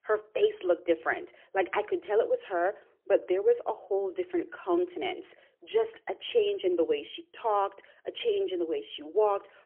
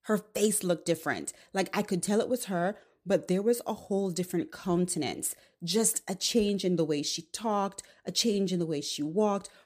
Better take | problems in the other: second | phone-call audio; poor line; nothing above 3.5 kHz

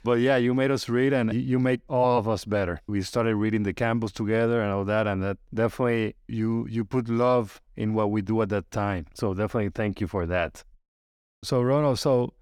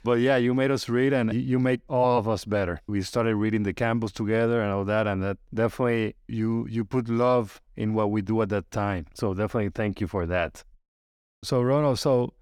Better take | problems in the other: neither | none

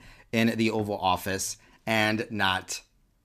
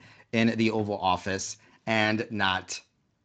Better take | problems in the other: first | garbled, watery; slightly; nothing above 7.5 kHz

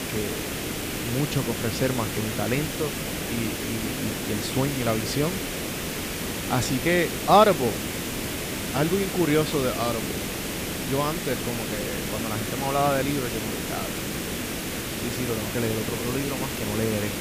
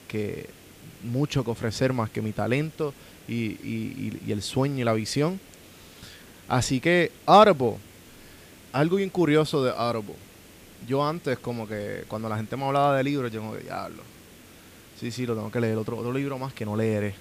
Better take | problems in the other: second | hiss; loud; throughout; 2 dB below the speech; faint in the second

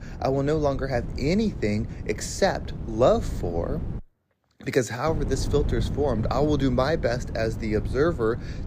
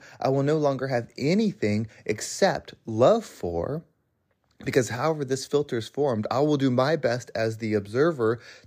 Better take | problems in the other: second | wind noise on the microphone; occasional gusts; until 4 s and from 5 s on; 15 dB below the speech

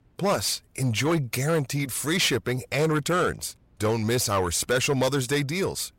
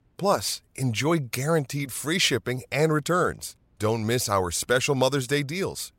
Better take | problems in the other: second | distortion; slight; 10 dB below the speech

